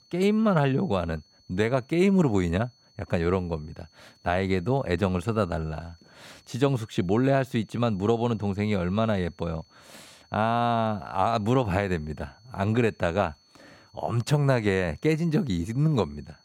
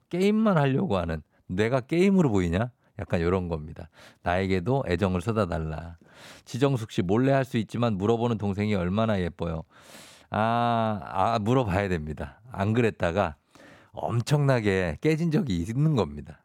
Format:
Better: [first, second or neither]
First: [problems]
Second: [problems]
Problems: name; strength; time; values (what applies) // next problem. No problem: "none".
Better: second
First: high-pitched whine; faint; throughout; 4.5 kHz, 35 dB below the speech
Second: none